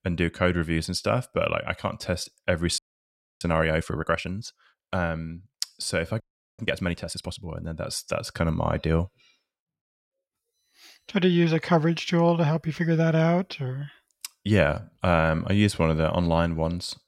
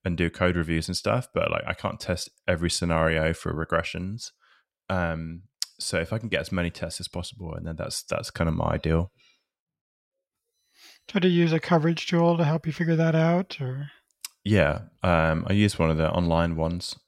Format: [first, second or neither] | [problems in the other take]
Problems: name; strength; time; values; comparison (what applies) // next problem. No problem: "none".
second | audio freezing; at 3 s for 0.5 s and at 6 s